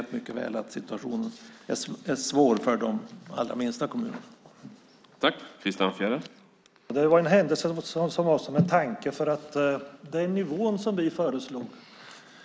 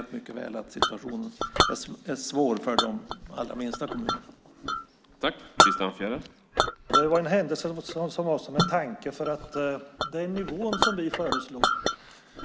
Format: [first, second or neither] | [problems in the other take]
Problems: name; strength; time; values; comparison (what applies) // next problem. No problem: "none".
first | background sound (Chink, clink); 1 dB above the speech